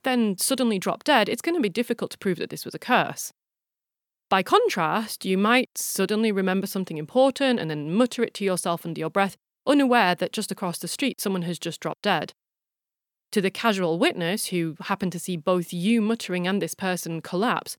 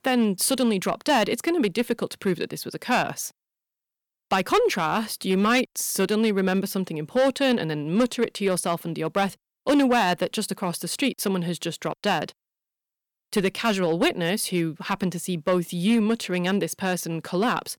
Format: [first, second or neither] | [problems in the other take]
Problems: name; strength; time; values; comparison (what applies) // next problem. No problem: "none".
first | distortion; slight; 3% of the sound clipped